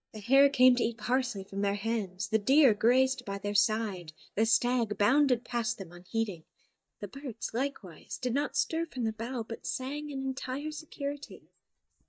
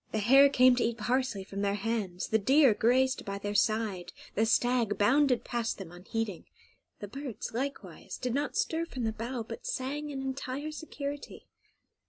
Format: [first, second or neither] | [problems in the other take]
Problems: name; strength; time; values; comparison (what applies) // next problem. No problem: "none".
second | noise reduction (neural mask model DeepFilterNet 3)